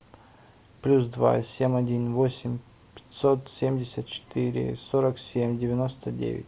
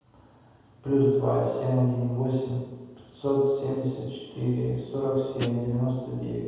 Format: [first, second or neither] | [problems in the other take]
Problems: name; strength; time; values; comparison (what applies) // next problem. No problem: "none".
first | background sound (Hi-hat); 9 dB below the speech // room echo; dies away in 1.2 s